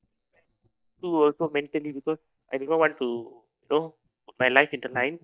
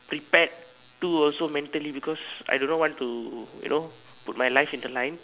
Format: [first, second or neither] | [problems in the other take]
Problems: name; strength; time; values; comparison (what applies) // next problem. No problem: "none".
second | noise reduction (neural mask model DeepFilterNet 3)